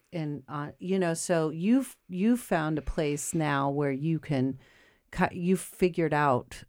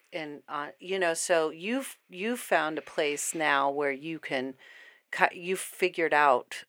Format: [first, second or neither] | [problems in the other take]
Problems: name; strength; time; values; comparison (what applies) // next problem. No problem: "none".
first | thin; somewhat; fading below 550 Hz